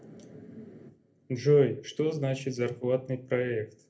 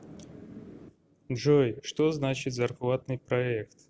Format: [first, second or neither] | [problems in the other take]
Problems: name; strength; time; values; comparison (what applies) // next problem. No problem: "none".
second | room echo; dies away in 0.3 s